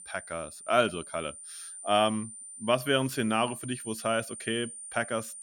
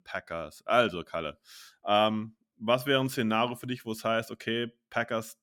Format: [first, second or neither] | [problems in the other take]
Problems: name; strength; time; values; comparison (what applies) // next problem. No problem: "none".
second | high-pitched whine; noticeable; throughout; 9 kHz, 10 dB below the speech